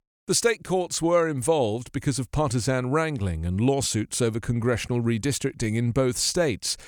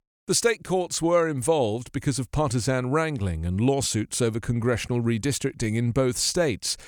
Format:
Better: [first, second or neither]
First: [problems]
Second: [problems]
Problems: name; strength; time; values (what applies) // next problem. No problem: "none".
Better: neither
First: none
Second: none